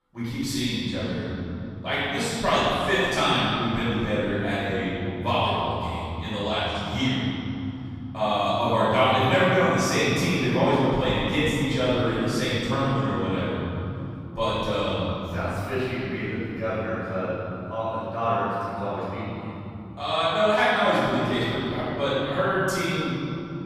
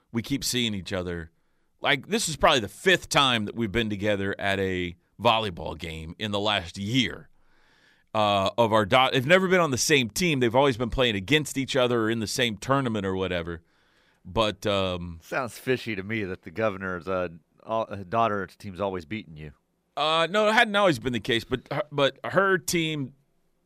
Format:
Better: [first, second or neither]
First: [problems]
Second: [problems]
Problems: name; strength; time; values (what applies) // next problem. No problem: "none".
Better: second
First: off-mic speech; far // room echo; strong; dies away in 3 s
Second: none